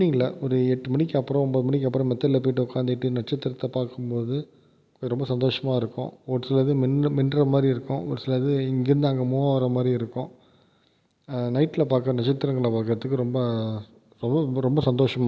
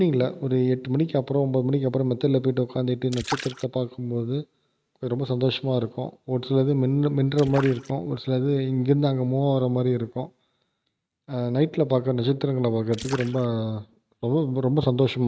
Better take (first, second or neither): first